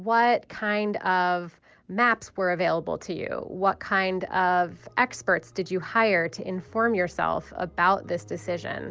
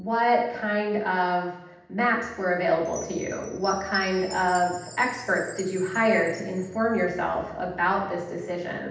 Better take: first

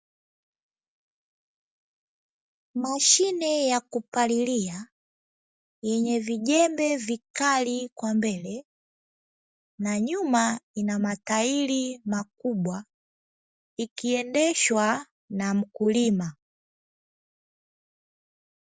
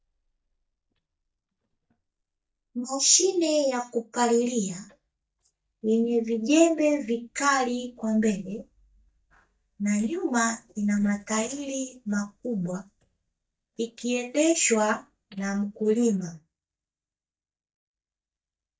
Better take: first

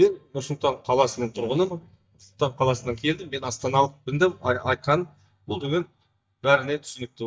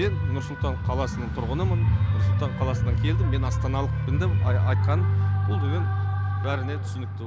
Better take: second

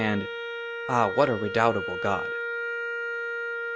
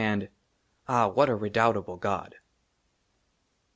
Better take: second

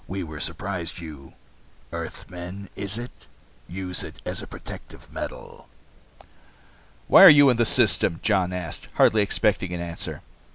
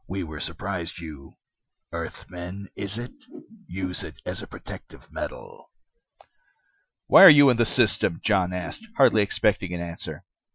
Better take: first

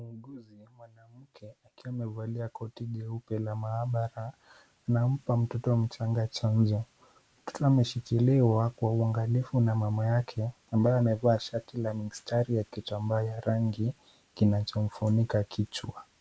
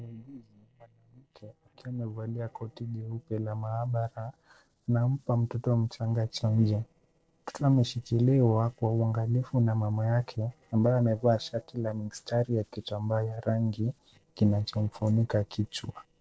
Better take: first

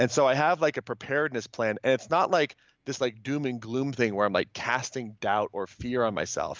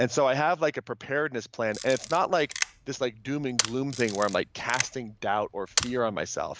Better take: first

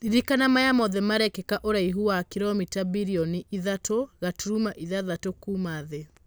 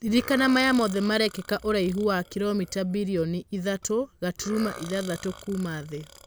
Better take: first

